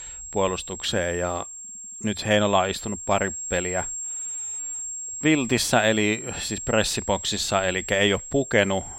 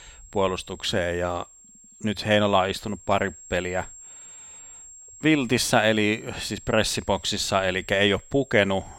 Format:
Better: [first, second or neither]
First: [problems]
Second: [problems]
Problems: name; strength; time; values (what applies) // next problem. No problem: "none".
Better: second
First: high-pitched whine; loud; throughout; 7.5 kHz, 8 dB below the speech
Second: high-pitched whine; faint; throughout; 7.5 kHz, 20 dB below the speech